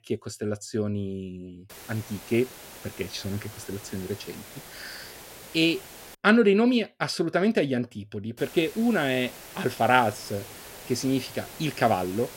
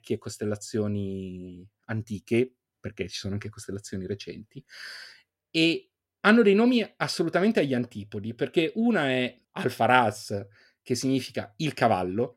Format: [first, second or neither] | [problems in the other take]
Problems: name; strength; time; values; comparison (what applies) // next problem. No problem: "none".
second | hiss; noticeable; from 1.5 to 6 s and from 8.5 s on; 15 dB below the speech